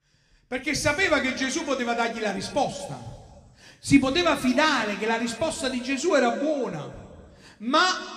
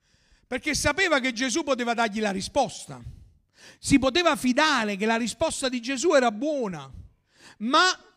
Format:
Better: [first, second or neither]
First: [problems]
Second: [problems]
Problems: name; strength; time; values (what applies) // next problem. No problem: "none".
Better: second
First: room echo; slight; dies away in 1.6 s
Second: none